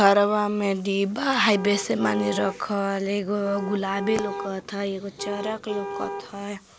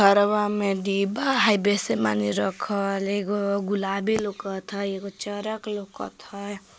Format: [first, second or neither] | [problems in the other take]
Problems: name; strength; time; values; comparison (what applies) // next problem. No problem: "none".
second | background sound (Car); 10 dB below the speech